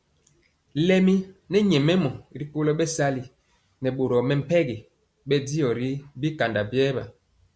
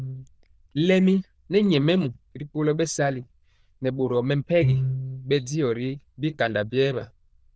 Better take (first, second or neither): first